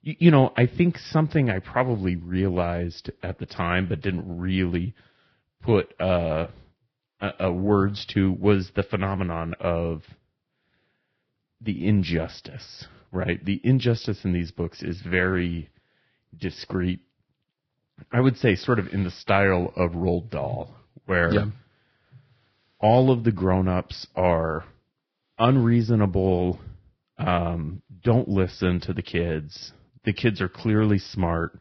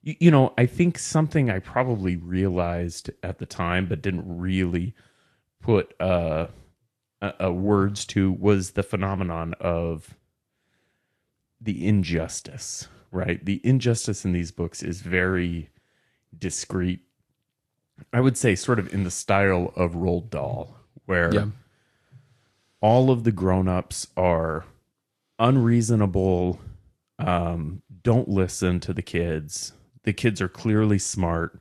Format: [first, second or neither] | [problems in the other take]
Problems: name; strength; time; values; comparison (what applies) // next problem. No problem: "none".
second | garbled, watery; badly; nothing above 5.5 kHz; slightly in the second